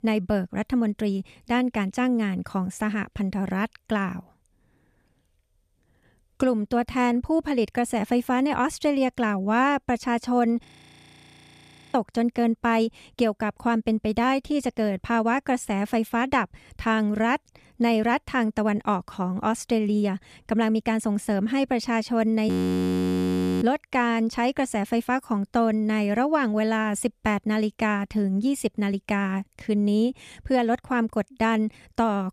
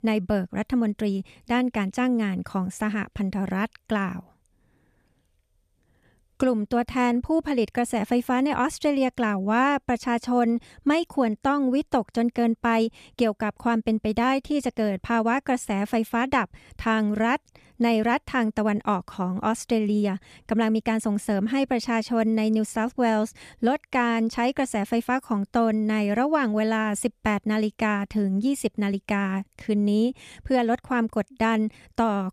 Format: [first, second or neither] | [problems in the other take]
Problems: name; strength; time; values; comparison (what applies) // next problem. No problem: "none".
second | audio freezing; at 11 s for 1.5 s and at 22 s for 1 s